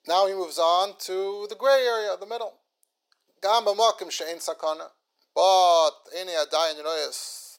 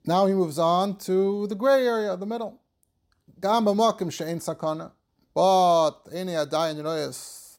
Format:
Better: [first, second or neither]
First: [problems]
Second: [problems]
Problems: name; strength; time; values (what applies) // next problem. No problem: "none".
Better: second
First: thin; very; fading below 450 Hz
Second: none